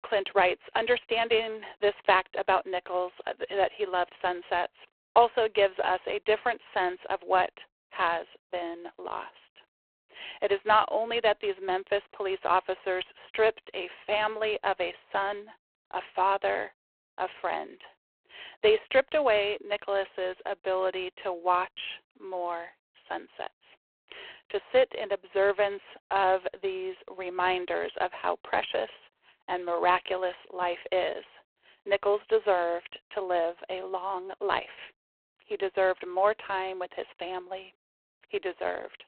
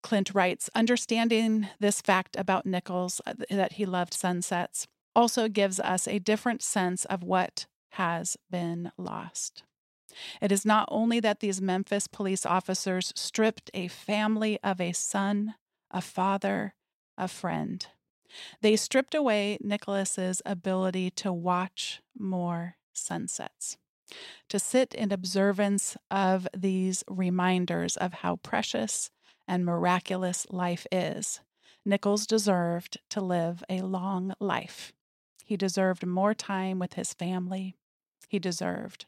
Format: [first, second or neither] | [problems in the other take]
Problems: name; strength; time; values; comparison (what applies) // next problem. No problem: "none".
second | phone-call audio; poor line